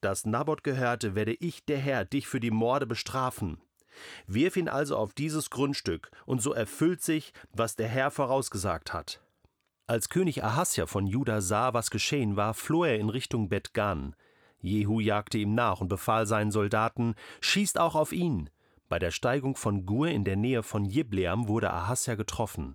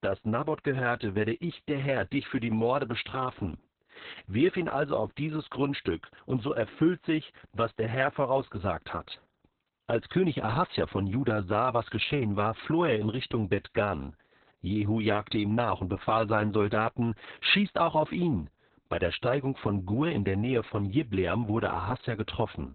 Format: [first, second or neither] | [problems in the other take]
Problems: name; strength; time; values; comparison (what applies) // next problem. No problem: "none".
first | garbled, watery; badly; nothing above 4 kHz